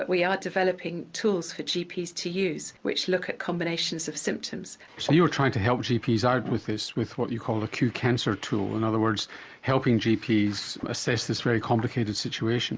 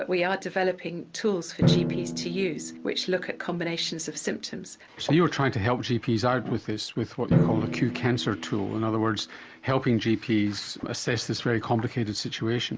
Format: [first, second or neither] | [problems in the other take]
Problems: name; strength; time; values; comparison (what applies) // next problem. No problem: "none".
first | background sound (Drum); 6 dB below the speech